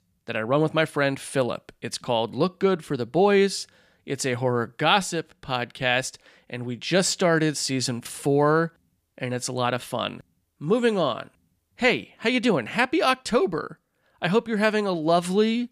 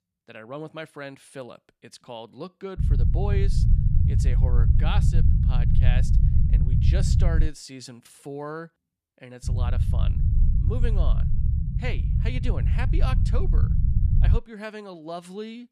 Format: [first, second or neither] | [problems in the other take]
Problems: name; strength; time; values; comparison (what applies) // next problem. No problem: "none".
first | low rumble; loud; from 3 to 7.5 s and from 9.5 to 14 s; 2 dB below the speech